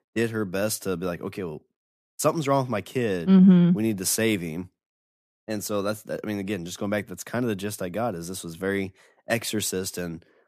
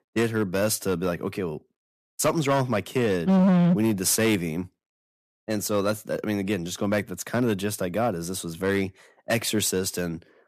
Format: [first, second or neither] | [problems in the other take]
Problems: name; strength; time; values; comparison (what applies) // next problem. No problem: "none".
first | distortion; heavy; 6% of the sound clipped